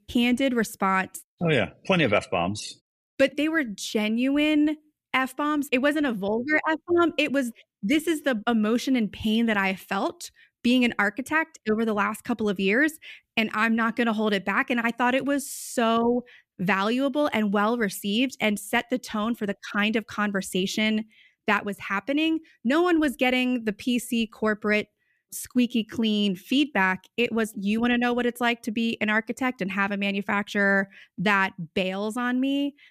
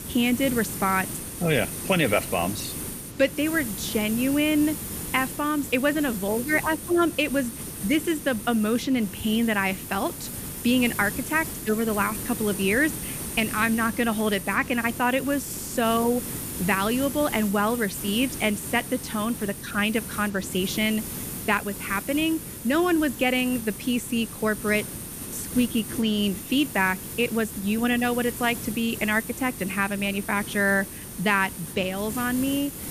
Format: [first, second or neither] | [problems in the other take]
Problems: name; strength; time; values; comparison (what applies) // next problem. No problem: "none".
first | hiss; loud; throughout; 8 dB below the speech